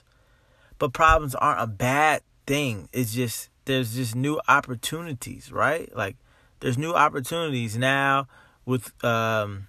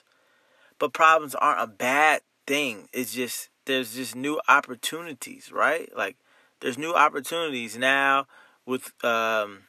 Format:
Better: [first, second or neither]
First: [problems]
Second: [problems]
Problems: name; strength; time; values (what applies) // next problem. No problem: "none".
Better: first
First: none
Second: thin; very slightly; fading below 250 Hz